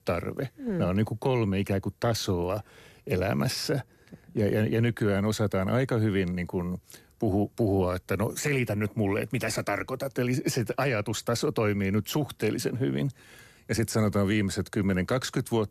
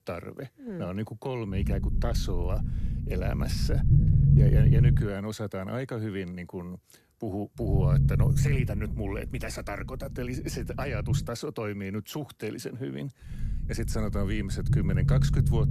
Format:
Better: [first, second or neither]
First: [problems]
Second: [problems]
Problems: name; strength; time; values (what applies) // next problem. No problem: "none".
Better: first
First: none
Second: low rumble; loud; from 1.5 to 5 s, from 7.5 to 11 s and from 13 s on; 1 dB below the speech